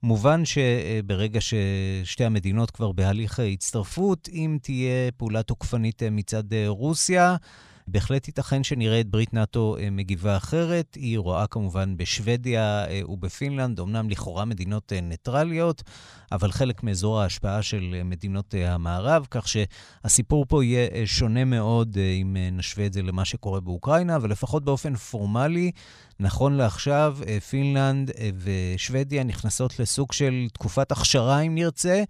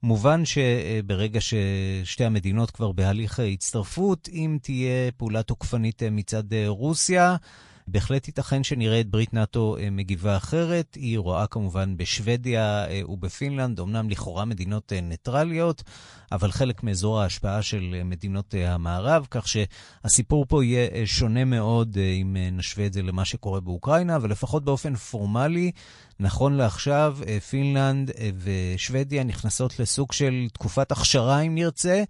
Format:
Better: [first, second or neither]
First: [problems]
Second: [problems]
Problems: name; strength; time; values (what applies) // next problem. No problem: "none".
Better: first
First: none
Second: garbled, watery; slightly; nothing above 10 kHz